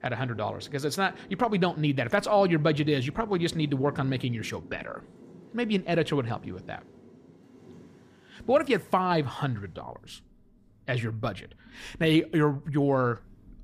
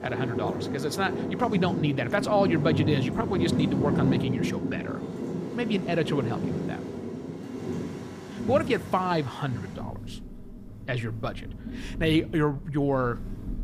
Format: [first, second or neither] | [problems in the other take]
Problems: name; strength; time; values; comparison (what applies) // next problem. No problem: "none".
first | rain or running water; loud; throughout; 3 dB below the speech; faint in the first